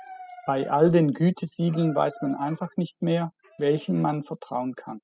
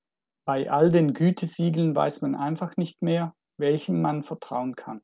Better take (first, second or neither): second